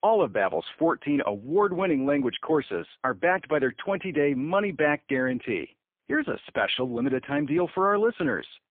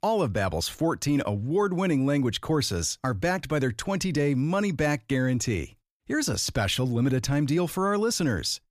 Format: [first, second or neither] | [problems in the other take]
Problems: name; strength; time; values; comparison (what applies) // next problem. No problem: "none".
second | phone-call audio; poor line; nothing above 3.5 kHz